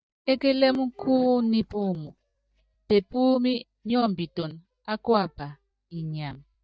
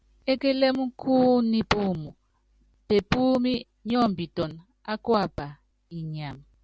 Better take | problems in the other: second | noise reduction (neural mask model DeepFilterNet 3)

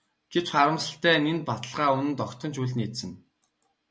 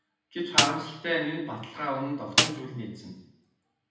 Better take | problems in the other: first | background sound (Snare drum); 3 dB above the speech // room echo; dies away in 0.8 s

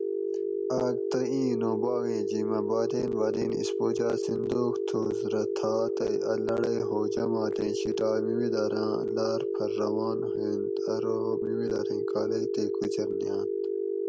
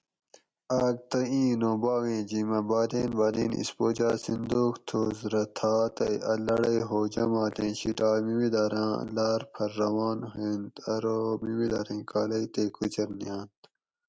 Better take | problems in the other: second | background sound (Telephone); 2 dB above the speech

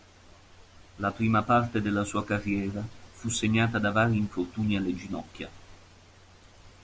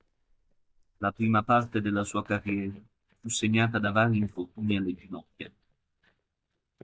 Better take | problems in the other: first | noise reduction (neural mask model DeepFilterNet 3)

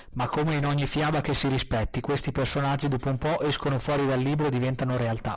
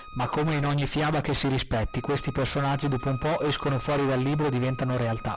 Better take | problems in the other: first | background sound (Bowed string instrument); 19 dB below the speech

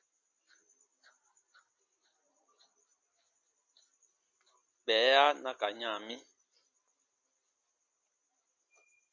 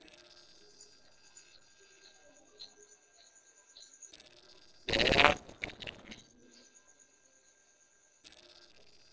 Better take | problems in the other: first | noise reduction (neural separator model SepFormer DNS4)

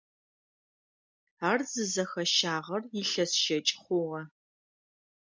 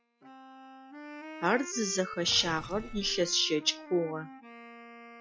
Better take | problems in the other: first | noise reduction (classical method log-MMSE)

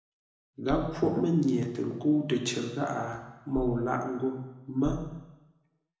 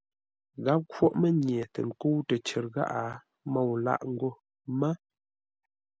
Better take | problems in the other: second | background sound (Bass drum); 14 dB below the speech // room echo; dies away in 0.9 s

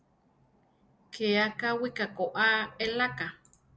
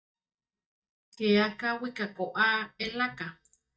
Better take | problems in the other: first | noise reduction (neural mask model DeepFilterNet 3)

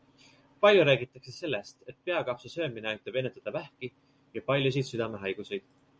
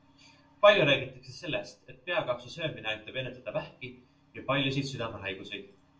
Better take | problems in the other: first | room echo; dies away in 0.3 s

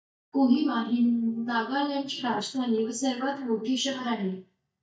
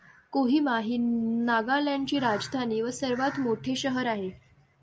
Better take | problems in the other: second | noise reduction (neural mask model DeepFilterNet 3)

